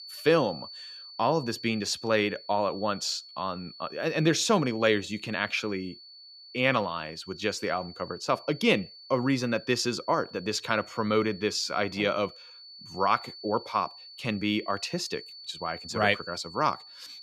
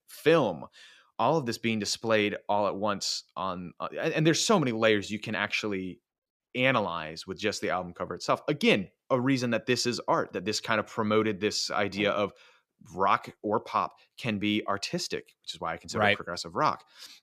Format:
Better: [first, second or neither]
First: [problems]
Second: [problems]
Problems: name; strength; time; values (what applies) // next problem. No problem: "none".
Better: second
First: high-pitched whine; noticeable; throughout; 4.5 kHz, 15 dB below the speech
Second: none